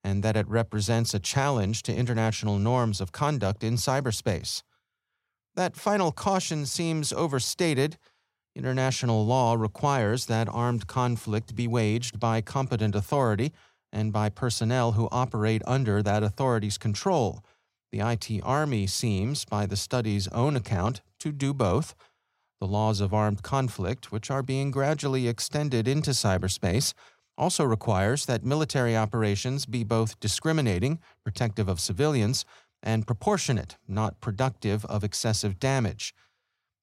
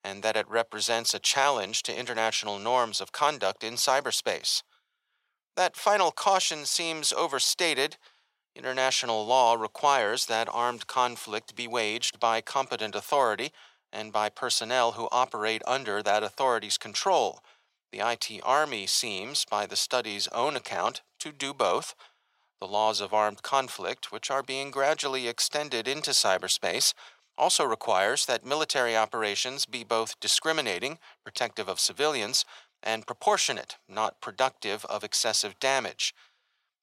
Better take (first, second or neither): first